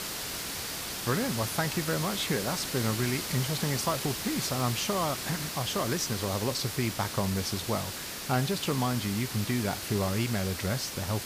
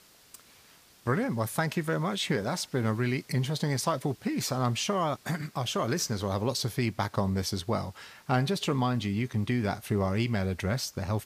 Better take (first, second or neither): second